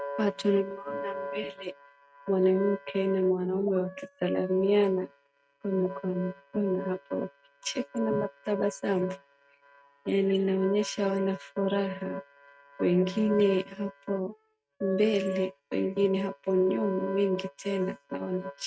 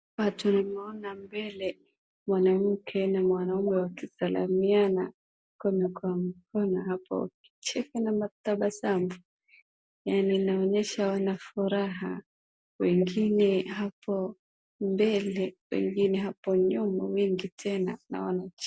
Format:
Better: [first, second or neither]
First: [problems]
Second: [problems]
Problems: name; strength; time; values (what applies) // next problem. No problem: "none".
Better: second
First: noise reduction (neural mask model RNNoise)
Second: none